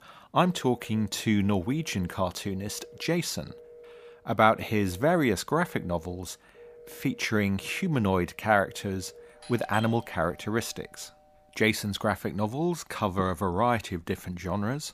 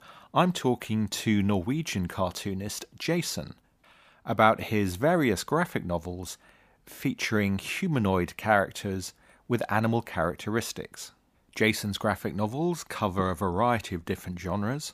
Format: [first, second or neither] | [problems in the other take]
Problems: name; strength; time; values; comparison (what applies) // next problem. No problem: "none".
second | alarms or sirens; faint; throughout; 20 dB below the speech